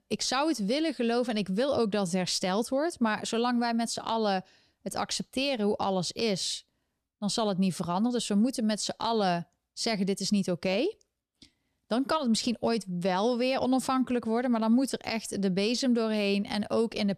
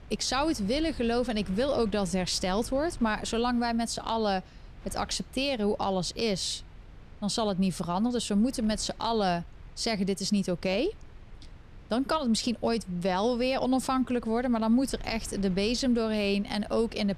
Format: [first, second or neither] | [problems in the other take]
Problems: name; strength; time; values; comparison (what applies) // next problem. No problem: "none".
first | wind noise on the microphone; occasional gusts; 25 dB below the speech